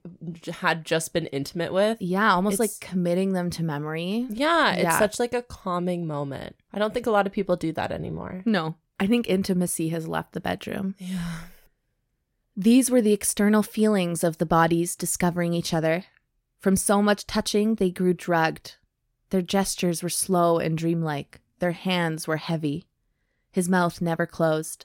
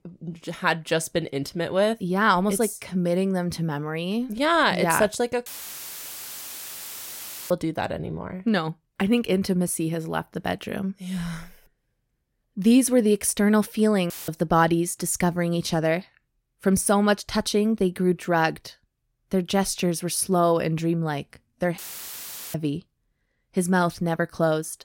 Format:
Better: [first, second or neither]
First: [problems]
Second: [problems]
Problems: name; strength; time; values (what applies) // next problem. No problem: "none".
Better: first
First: none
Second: audio cutting out; filled with static; at 5.5 s for 2 s, at 14 s and at 22 s for 1 s